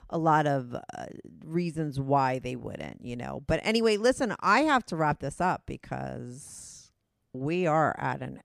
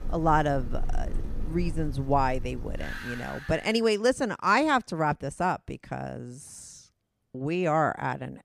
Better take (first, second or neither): first